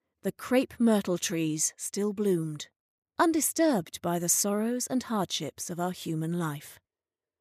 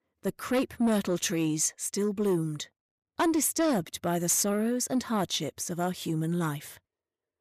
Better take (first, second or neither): first